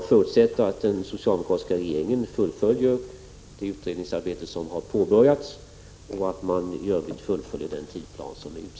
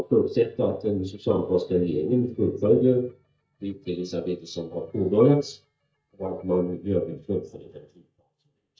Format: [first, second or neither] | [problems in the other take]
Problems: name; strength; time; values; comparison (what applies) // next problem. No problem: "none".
first | noise reduction (neural mask model DeepFilterNet 3)